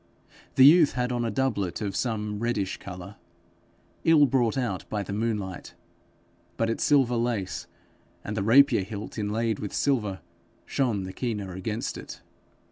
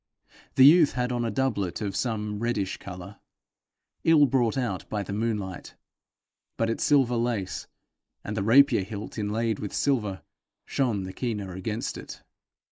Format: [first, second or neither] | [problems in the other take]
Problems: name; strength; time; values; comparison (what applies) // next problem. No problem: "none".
first | noise reduction (neural mask model Resemble Enhance denoiser)